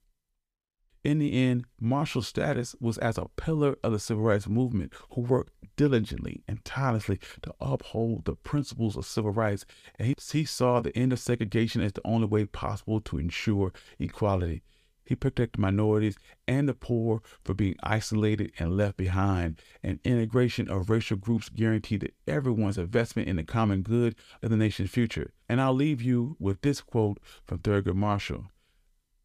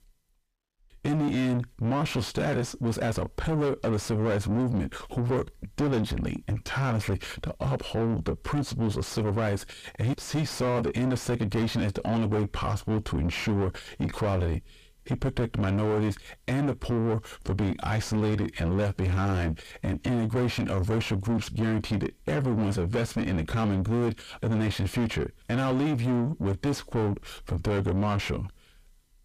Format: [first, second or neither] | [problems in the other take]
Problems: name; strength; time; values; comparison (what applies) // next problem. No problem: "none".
first | distortion; heavy; 4 dB below the speech